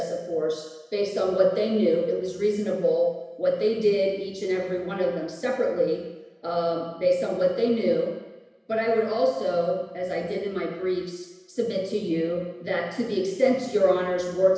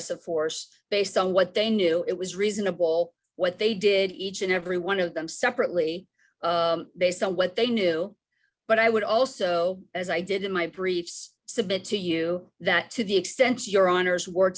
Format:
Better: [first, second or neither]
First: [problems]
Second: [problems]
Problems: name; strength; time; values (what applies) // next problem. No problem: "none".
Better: second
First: room echo; dies away in 1 s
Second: none